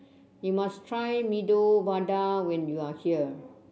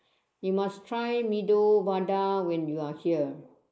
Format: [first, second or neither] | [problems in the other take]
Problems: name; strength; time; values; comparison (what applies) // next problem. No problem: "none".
first | noise reduction (neural mask model Resemble Enhance denoiser)